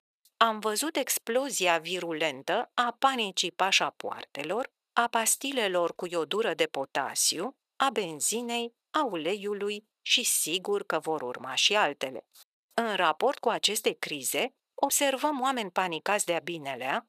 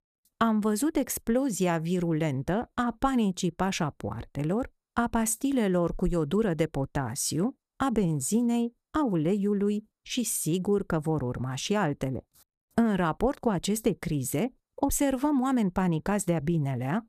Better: second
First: thin; very; fading below 600 Hz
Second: none

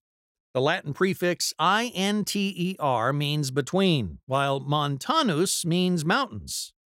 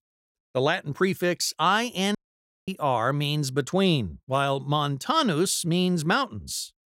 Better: first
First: none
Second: audio cutting out; at 2 s for 0.5 s

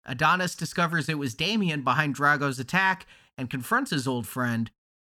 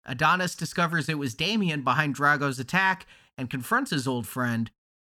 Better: neither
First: none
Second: none

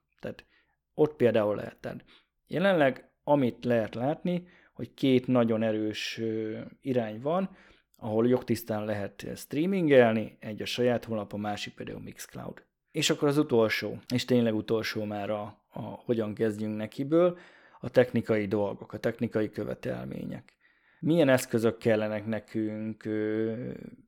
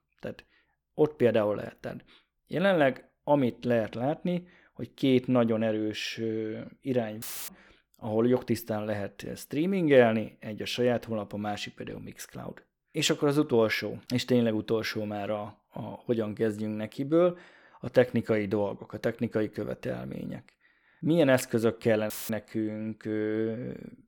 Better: first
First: none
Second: audio cutting out; filled with static; at 7 s and at 22 s

